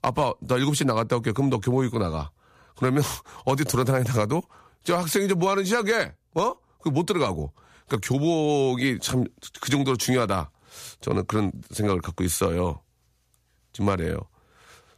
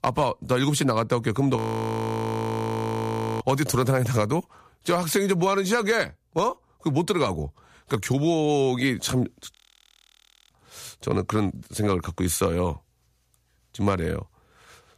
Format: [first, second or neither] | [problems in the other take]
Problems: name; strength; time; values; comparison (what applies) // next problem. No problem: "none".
first | audio freezing; at 1.5 s for 2 s and at 9.5 s for 1 s